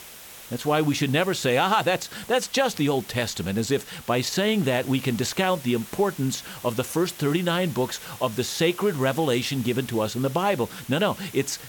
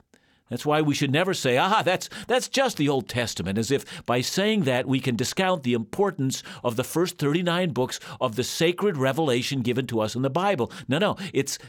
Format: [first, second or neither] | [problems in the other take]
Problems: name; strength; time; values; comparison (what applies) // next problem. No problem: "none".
second | hiss; noticeable; throughout; 15 dB below the speech